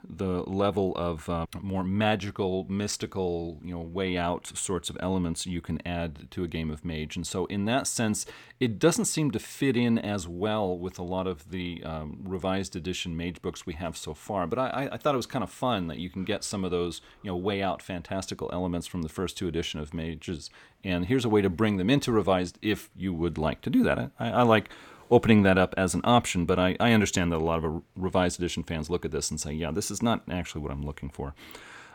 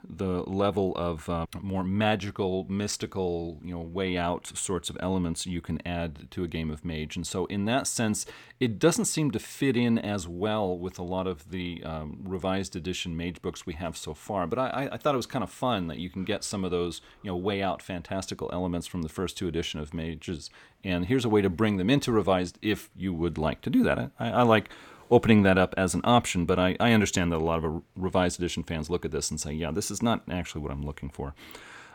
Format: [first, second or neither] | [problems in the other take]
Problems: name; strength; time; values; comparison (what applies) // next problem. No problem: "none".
neither | none